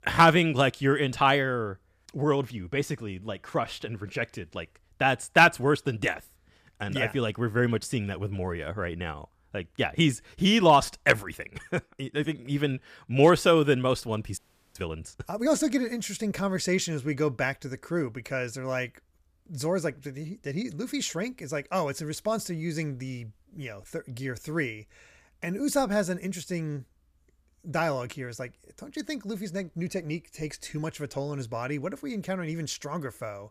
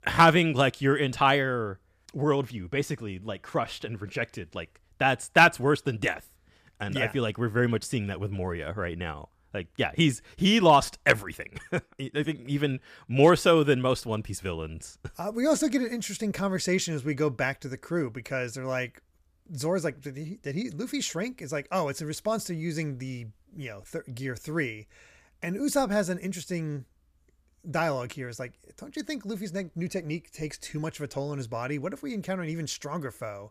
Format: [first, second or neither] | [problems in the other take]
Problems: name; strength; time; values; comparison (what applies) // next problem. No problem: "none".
second | audio freezing; at 14 s